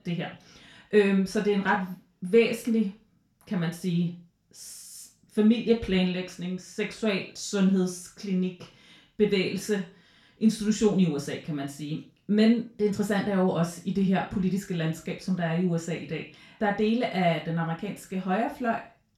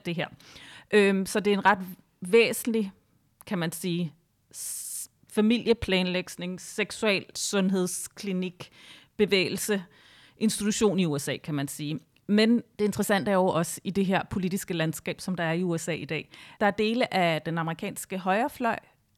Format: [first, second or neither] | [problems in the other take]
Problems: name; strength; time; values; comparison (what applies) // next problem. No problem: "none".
second | room echo; slight; dies away in 0.3 s // off-mic speech; far